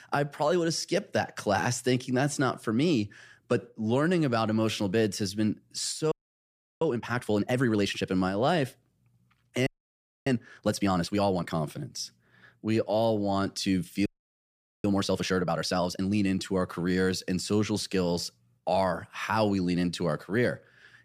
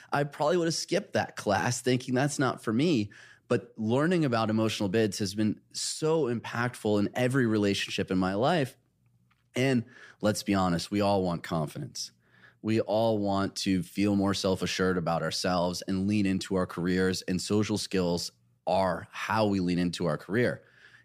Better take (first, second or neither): second